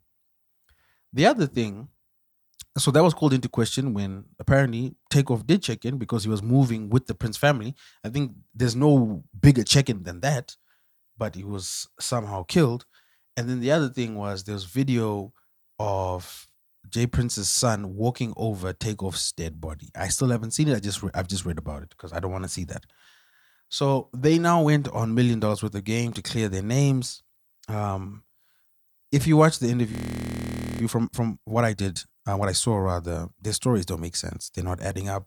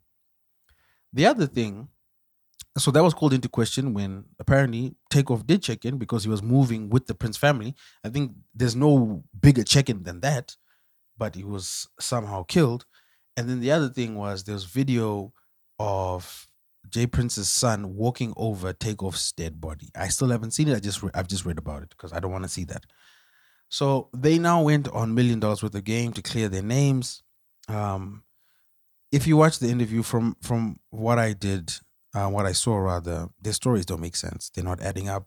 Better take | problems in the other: second | audio freezing; at 30 s for 1 s

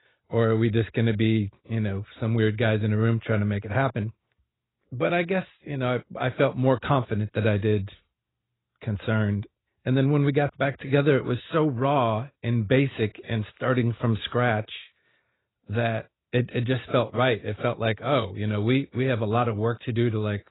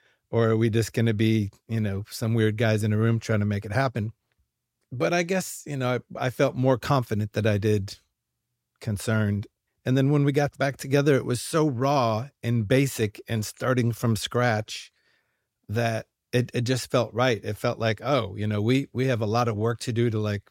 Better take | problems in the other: second | garbled, watery; badly; nothing above 4 kHz

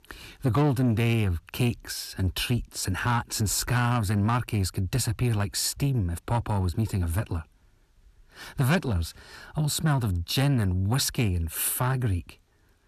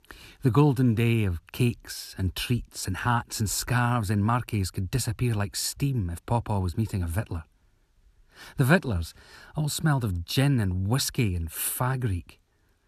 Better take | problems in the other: second | distortion; slight; 10 dB below the speech

